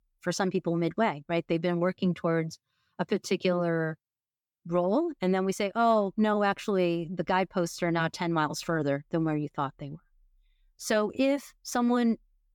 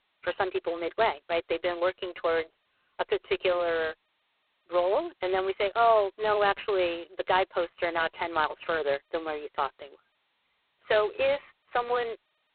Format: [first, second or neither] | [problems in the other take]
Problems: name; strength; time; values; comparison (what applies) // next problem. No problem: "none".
first | phone-call audio; poor line; nothing above 4 kHz